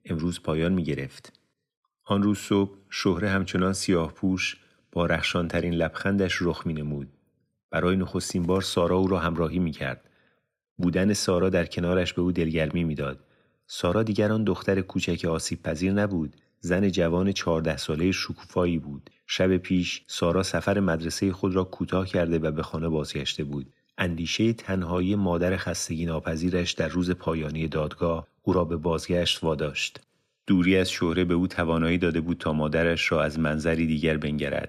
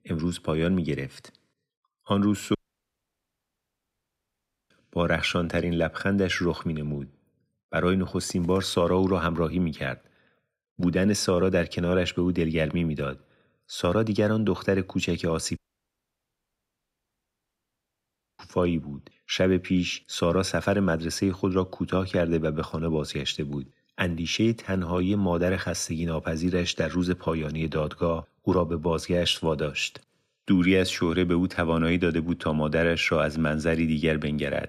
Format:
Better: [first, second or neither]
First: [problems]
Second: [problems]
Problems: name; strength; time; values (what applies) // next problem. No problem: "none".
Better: first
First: none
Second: audio cutting out; at 2.5 s for 2 s and at 16 s for 3 s